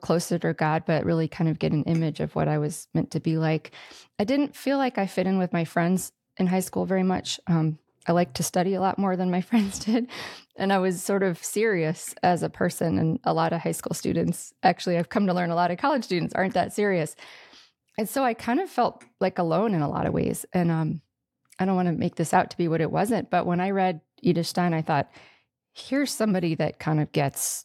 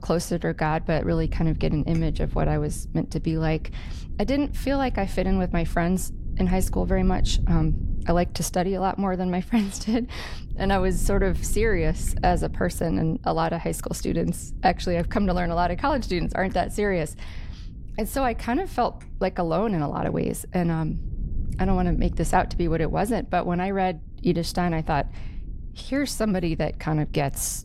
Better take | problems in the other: first | low rumble; faint; throughout; 20 dB below the speech

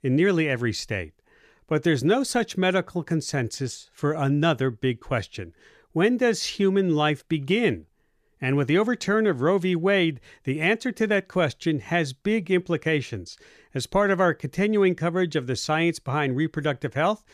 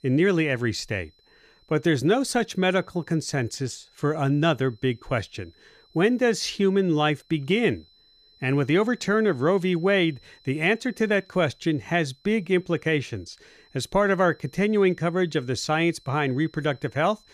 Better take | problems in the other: first | high-pitched whine; faint; throughout; 4 kHz, 30 dB below the speech

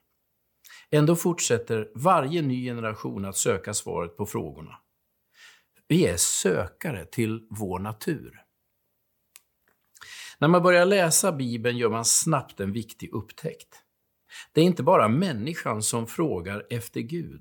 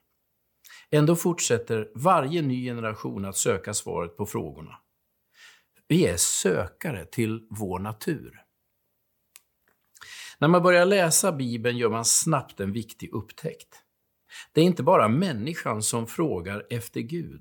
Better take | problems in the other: neither | none

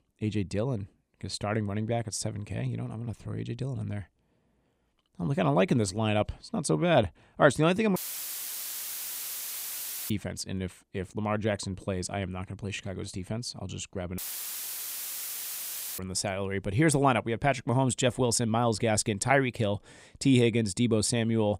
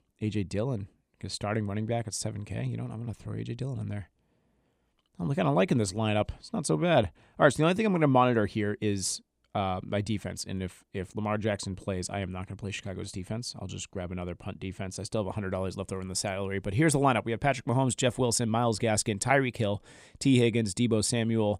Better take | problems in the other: second | audio cutting out; filled with static; at 8 s for 2 s and at 14 s for 2 s

